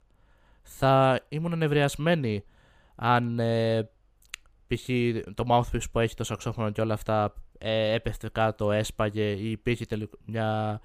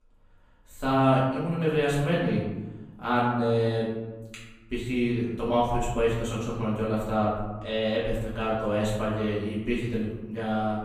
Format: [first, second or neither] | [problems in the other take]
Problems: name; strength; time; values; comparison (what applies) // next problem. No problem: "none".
first | off-mic speech; far // room echo; noticeable; dies away in 1.1 s